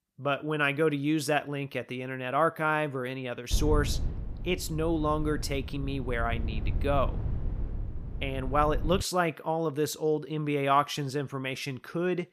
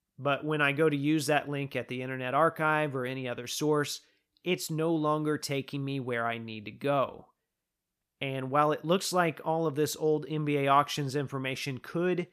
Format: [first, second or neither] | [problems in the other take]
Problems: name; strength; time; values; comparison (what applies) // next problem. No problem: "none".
second | wind noise on the microphone; occasional gusts; from 3.5 to 9 s; 20 dB below the speech